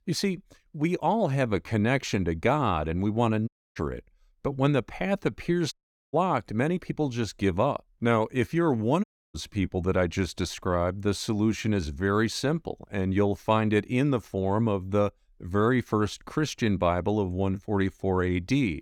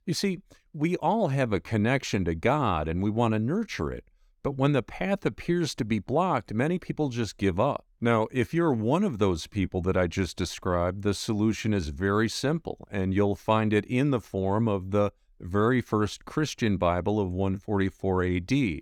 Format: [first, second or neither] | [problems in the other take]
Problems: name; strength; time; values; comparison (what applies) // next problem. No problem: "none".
second | audio cutting out; at 3.5 s, at 5.5 s and at 9 s